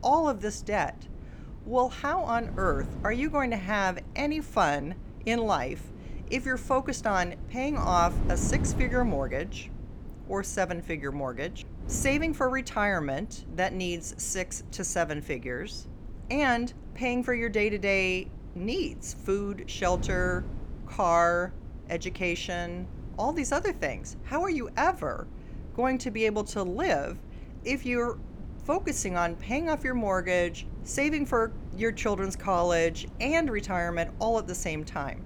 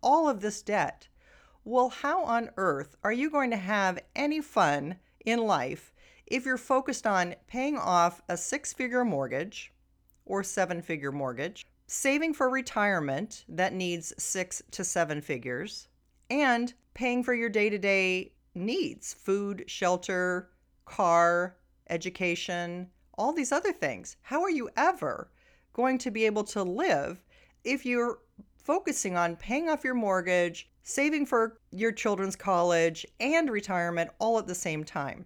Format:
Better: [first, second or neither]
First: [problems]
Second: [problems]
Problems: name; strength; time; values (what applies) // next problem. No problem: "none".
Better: second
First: wind noise on the microphone; occasional gusts; 20 dB below the speech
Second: none